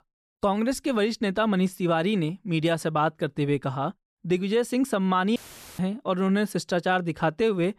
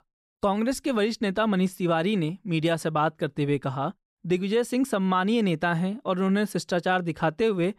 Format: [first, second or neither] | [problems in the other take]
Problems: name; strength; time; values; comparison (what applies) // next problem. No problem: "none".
second | audio cutting out; filled with static; at 5.5 s